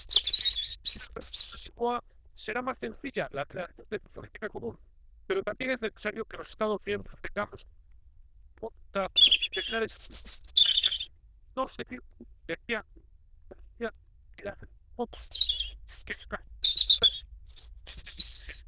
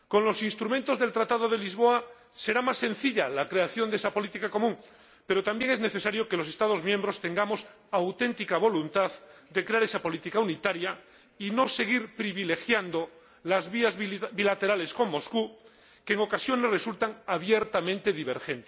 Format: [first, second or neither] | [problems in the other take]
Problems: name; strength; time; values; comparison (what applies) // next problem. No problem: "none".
second | noise reduction (neural diffusion model UNIVERSE++)